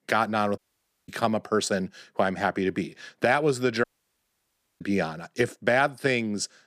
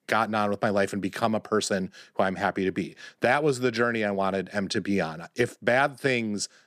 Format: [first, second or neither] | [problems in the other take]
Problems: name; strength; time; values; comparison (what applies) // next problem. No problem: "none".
second | audio cutting out; at 0.5 s for 0.5 s and at 4 s for 1 s